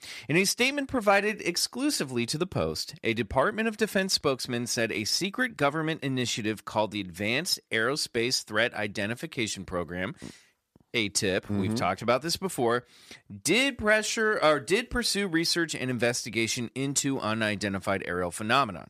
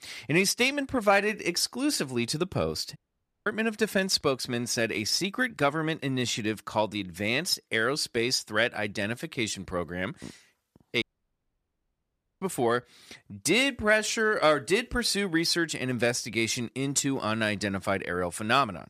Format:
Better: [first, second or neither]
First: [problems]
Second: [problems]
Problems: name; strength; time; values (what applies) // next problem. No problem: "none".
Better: first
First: none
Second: audio cutting out; at 3 s for 0.5 s and at 11 s for 1.5 s